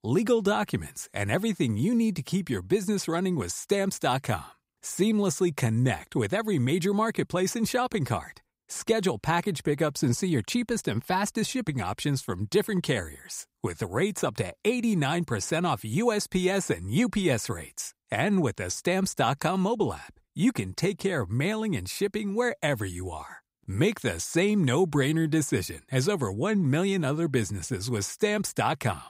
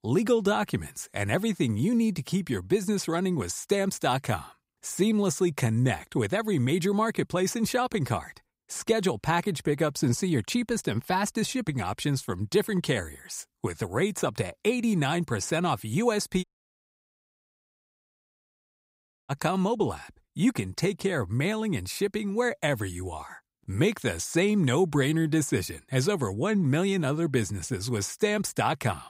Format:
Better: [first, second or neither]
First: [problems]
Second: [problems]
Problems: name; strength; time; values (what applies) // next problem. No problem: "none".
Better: first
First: none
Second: audio cutting out; at 16 s for 3 s